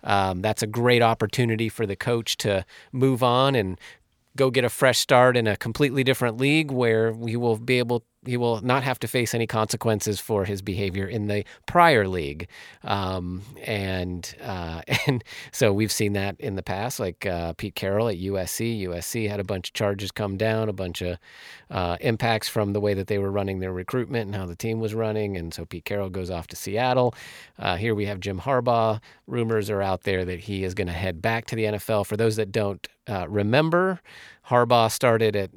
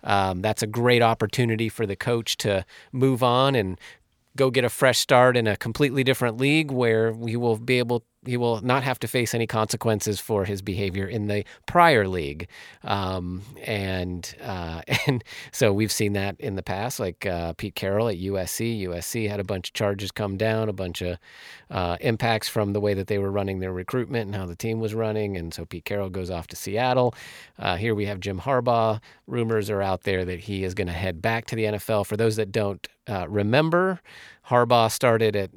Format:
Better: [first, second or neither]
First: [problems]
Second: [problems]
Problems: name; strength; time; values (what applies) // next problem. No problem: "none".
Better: neither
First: none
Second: none